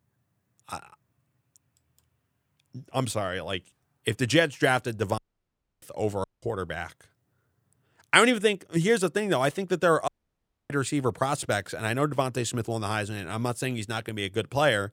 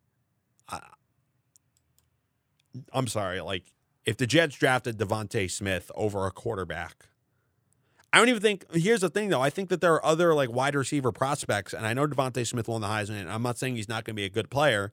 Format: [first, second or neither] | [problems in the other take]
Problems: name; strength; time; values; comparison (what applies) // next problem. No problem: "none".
second | audio cutting out; at 5 s for 0.5 s, at 6 s and at 10 s for 0.5 s